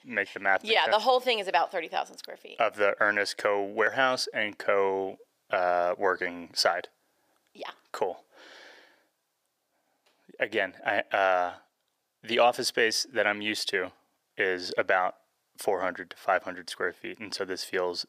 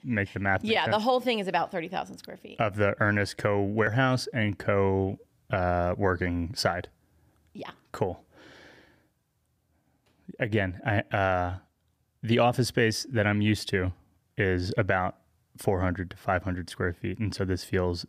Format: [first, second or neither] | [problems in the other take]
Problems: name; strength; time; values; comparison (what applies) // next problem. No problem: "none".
second | thin; very; fading below 550 Hz